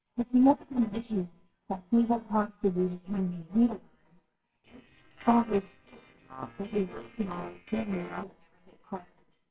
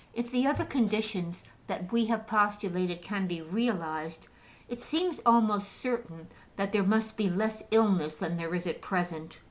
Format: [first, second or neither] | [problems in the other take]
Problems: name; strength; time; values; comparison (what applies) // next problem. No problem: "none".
second | noise reduction (neural separator model SepFormer WHAMR!)